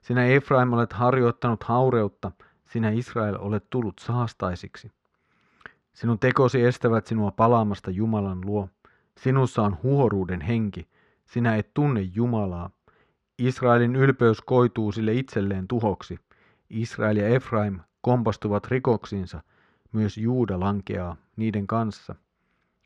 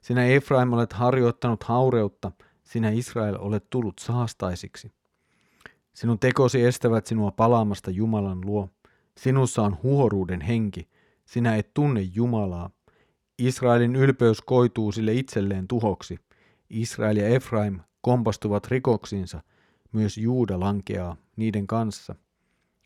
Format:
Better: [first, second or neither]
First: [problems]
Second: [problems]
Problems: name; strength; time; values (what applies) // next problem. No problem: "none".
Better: second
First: muffled; slightly; fading above 4 kHz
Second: none